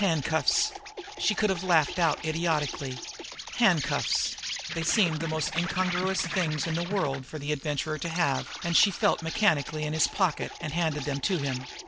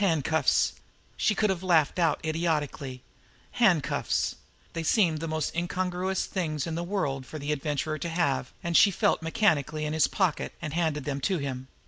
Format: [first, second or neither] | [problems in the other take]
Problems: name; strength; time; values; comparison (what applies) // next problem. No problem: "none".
second | background sound (Insect); 9 dB below the speech